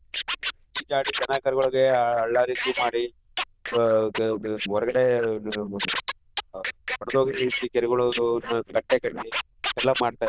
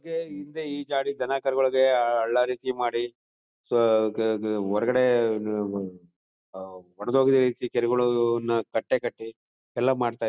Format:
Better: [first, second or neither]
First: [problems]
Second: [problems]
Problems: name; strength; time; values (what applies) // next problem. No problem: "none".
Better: second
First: noise reduction (neural diffusion model UNIVERSE++)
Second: none